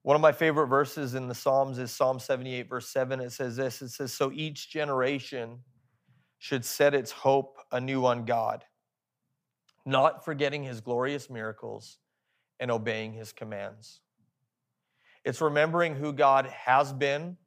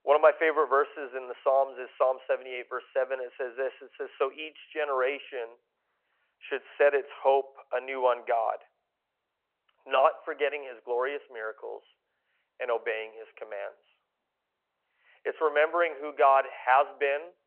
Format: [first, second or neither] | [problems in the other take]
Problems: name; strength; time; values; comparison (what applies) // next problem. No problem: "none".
first | phone-call audio